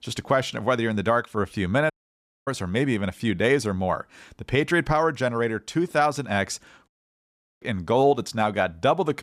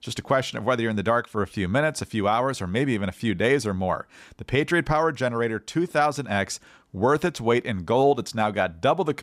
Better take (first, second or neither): second